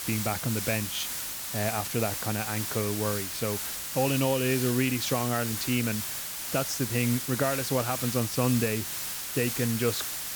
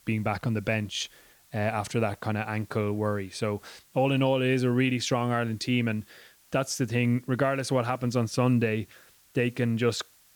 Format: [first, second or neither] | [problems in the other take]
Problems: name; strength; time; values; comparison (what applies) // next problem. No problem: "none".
second | hiss; loud; throughout; 2 dB below the speech; faint in the second